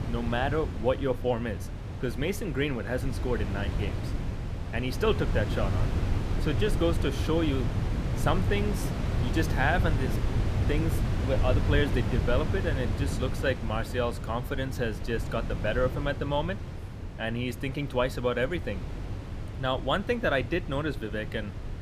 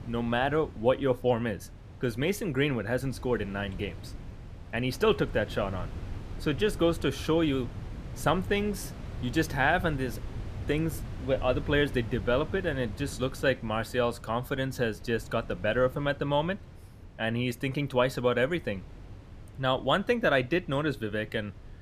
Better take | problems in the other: second | wind noise on the microphone; heavy; 9 dB below the speech; occasional gusts in the second

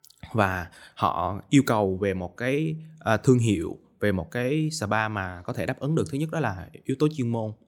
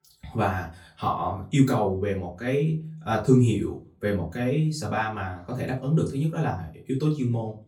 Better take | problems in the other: first | off-mic speech; far // room echo; very slight; dies away in 0.3 s

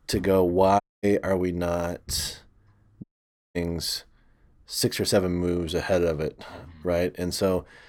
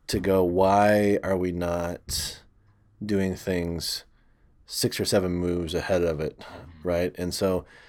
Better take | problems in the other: second | audio cutting out; at 1 s and at 3 s for 0.5 s

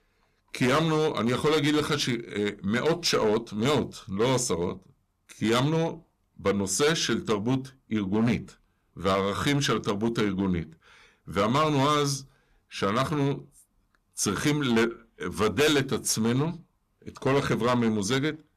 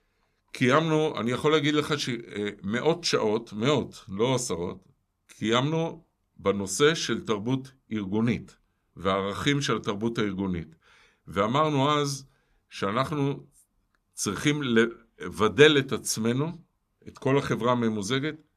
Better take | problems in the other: second | distortion; heavy; 8% of the sound clipped

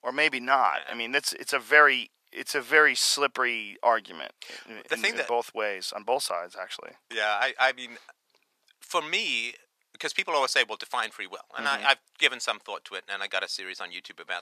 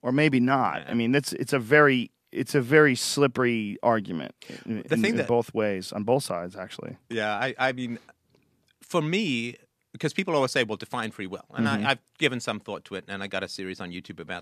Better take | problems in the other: second | thin; very; fading below 800 Hz

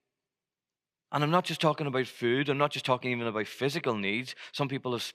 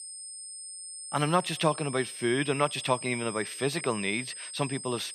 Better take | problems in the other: first | high-pitched whine; loud; throughout; 8.5 kHz, 9 dB below the speech

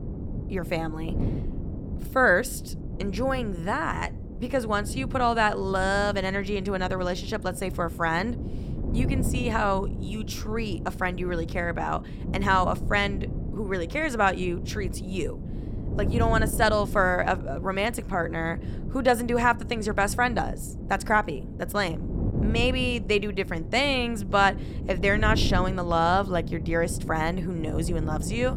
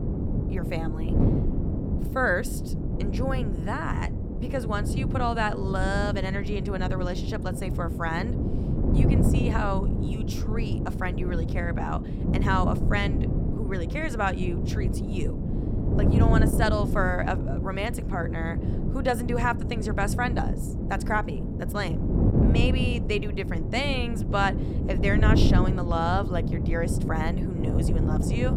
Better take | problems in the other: first | wind noise on the microphone; heavy; 6 dB below the speech; occasional gusts in the first

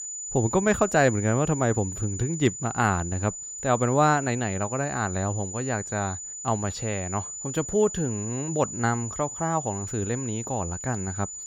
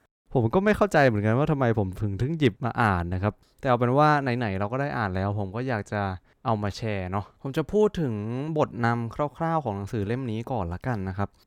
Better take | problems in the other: second | high-pitched whine; loud; throughout; 7 kHz, 7 dB below the speech

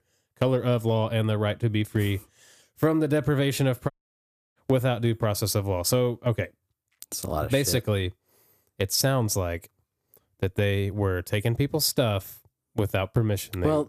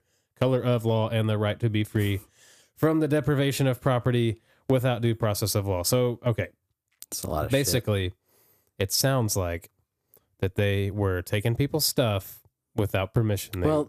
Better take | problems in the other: second | audio cutting out; at 4 s for 0.5 s

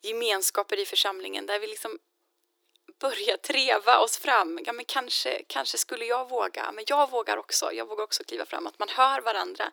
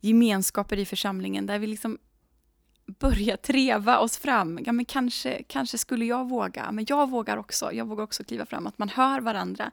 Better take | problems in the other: second | thin; very; fading below 350 Hz

